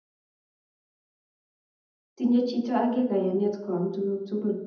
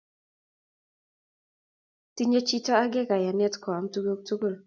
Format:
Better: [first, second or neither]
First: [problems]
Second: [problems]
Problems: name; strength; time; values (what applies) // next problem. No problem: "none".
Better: second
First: room echo; dies away in 0.8 s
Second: none